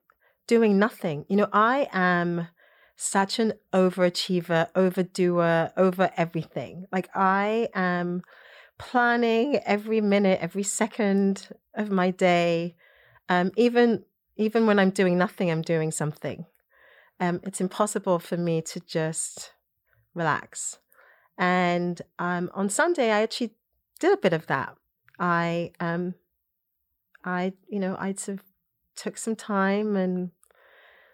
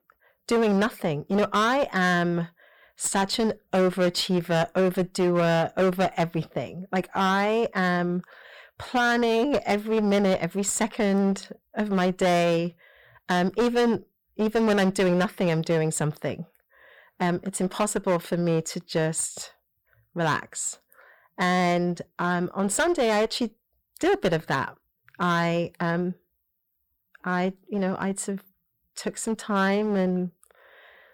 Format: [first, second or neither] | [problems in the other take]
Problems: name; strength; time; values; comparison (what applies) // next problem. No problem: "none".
first | distortion; slight; 13% of the sound clipped